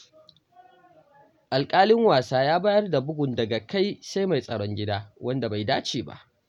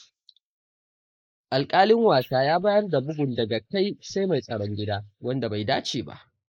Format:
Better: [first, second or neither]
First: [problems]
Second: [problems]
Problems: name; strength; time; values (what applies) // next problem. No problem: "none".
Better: first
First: none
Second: noise reduction (neural mask model Resemble Enhance denoiser)